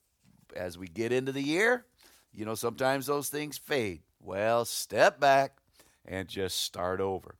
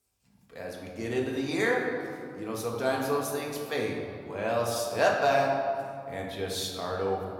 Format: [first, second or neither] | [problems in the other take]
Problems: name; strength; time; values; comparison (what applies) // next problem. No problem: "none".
first | room echo; noticeable; dies away in 2.1 s // off-mic speech; somewhat distant